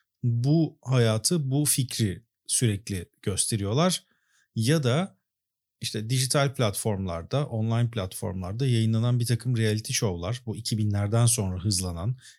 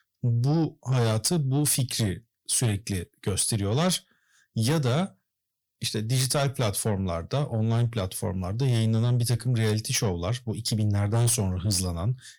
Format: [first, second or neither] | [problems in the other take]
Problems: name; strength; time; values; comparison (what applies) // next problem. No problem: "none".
first | distortion; slight; 10 dB below the speech